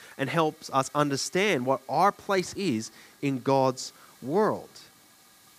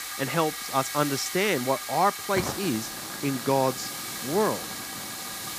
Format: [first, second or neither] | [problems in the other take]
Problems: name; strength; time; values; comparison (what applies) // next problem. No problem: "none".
first | hiss; loud; throughout; 5 dB below the speech; faint in the first